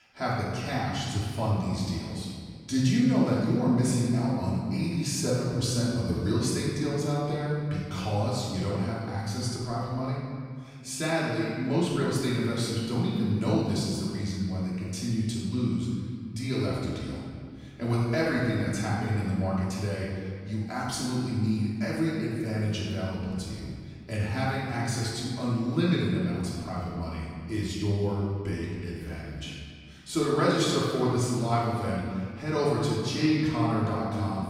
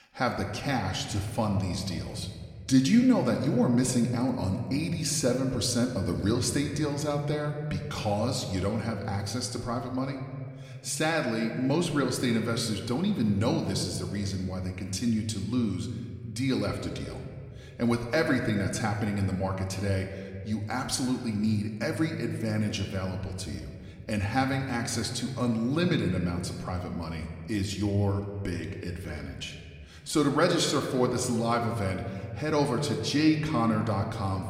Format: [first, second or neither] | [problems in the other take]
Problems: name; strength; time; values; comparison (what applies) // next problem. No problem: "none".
second | room echo; strong; dies away in 1.9 s; slight in the second // off-mic speech; far